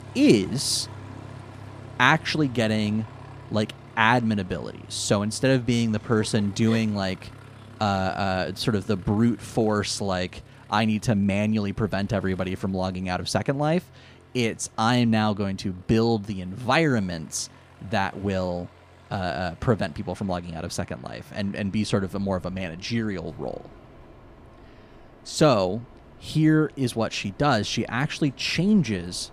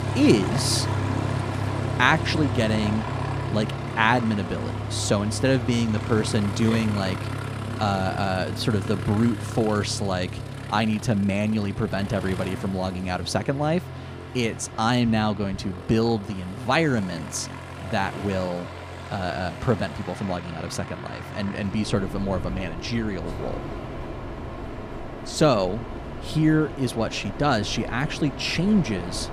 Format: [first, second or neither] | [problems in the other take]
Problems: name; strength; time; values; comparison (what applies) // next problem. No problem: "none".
first | train or aircraft noise; loud; throughout; 7 dB below the speech; faint in the first